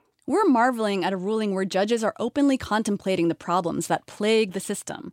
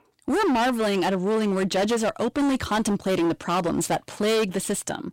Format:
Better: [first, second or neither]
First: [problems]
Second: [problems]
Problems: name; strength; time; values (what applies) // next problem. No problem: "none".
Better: first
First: none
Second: distortion; heavy; 24% of the sound clipped